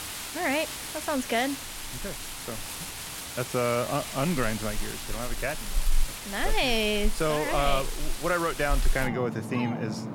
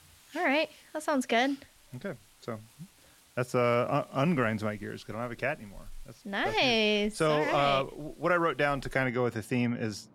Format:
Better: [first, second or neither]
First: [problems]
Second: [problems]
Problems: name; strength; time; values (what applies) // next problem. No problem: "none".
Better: second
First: rain or running water; loud; throughout; 6 dB below the speech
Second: rain or running water; faint; throughout; 30 dB below the speech